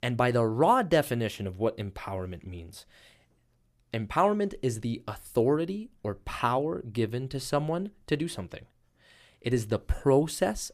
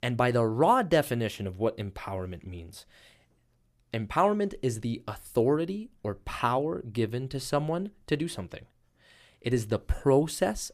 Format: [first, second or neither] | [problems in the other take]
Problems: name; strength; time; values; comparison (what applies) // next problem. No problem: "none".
neither | none